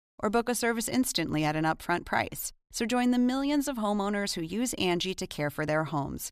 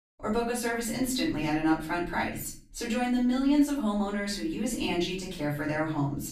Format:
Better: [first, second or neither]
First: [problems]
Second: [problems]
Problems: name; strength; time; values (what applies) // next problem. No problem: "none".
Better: first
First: none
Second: off-mic speech; far // room echo; noticeable; dies away in 0.5 s